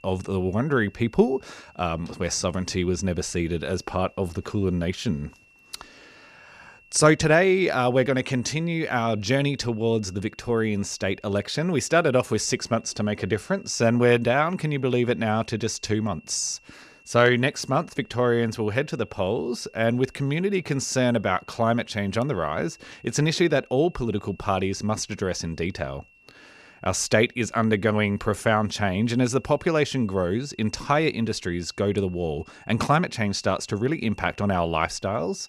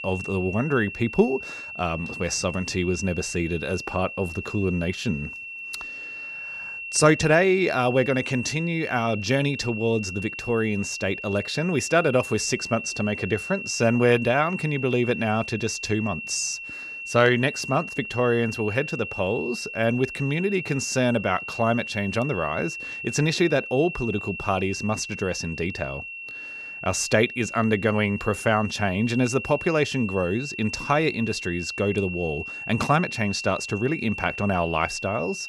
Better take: first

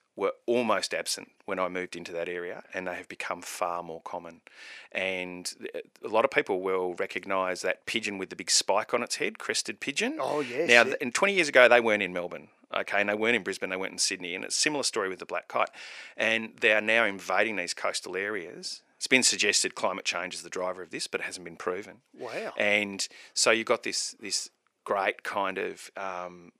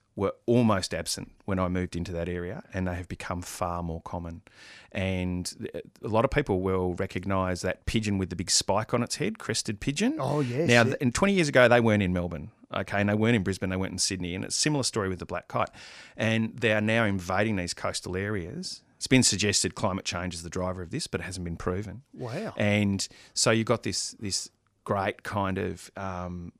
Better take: second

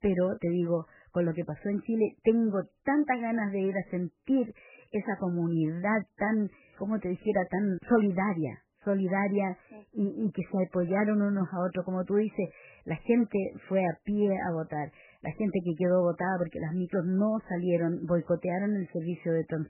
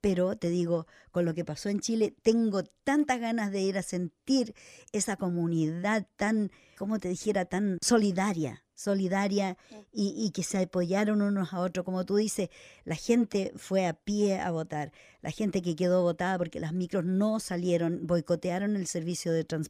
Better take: second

